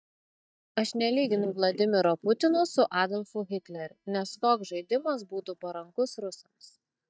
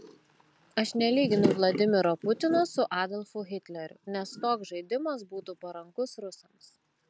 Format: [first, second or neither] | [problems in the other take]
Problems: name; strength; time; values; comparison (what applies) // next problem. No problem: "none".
second | noise reduction (neural mask model DeepFilterNet 3)